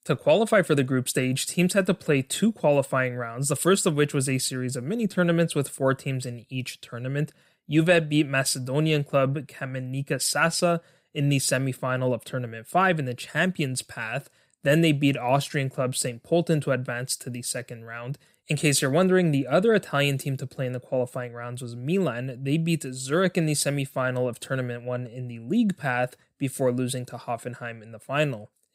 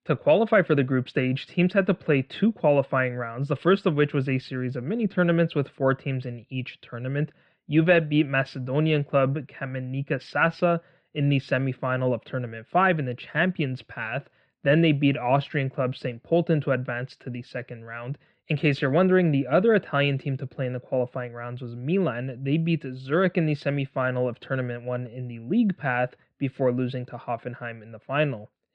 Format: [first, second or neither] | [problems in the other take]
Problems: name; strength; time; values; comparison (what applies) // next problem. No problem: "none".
first | muffled; very; fading above 3 kHz